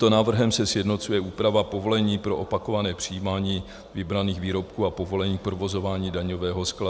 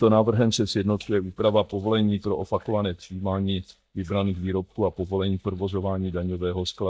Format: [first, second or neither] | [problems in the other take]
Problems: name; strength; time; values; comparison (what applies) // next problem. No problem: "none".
first | noise reduction (neural mask model DeepFilterNet 3)